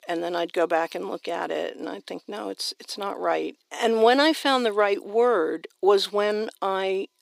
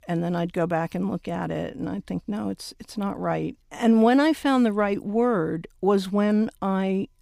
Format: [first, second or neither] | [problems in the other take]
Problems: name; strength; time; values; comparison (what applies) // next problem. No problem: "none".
second | thin; somewhat; fading below 350 Hz